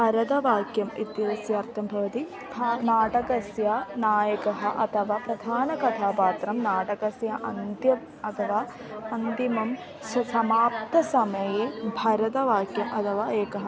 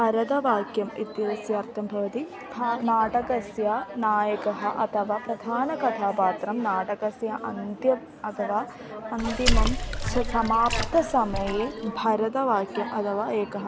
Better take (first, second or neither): first